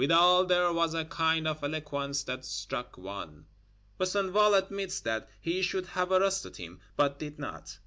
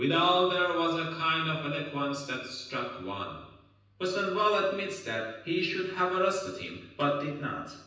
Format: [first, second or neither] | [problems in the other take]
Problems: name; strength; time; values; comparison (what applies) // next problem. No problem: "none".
first | room echo; dies away in 0.9 s